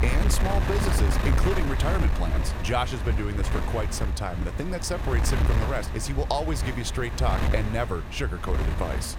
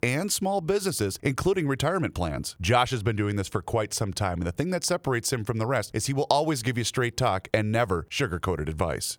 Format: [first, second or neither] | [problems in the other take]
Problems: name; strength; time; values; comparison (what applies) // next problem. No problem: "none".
second | wind noise on the microphone; heavy; 3 dB below the speech